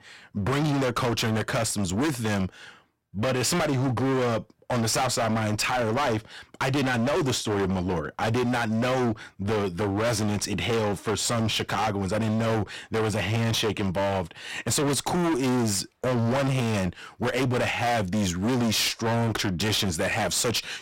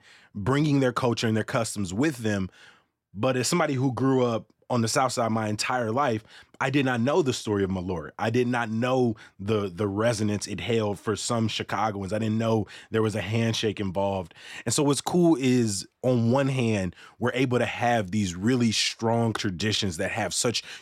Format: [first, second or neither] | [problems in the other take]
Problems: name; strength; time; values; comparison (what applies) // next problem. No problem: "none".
second | distortion; heavy; 32% of the sound clipped